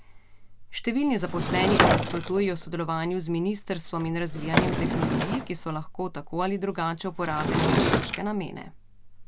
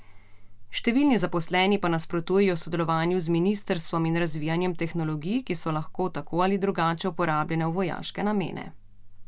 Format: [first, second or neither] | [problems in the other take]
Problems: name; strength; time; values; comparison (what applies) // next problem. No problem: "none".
second | background sound (Sliding door / Wood); as loud as the speech